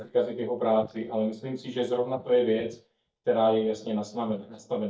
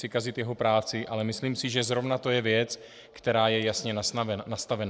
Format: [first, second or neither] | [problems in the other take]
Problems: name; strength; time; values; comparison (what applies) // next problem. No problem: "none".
second | noise reduction (neural mask model DeepFilterNet 3)